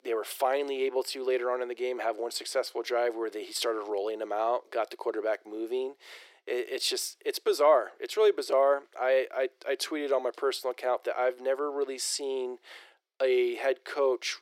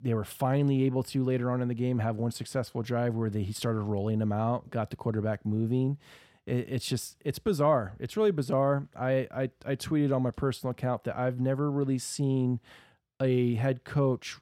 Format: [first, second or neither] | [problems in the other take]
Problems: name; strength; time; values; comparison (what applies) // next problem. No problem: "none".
second | thin; very; fading below 350 Hz